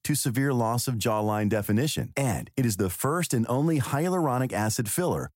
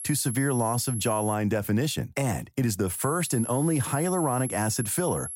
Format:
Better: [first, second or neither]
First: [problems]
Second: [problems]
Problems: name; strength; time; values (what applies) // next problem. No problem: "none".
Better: first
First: none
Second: high-pitched whine; loud; until 1.5 s and from 3 s on; 11 kHz, 7 dB below the speech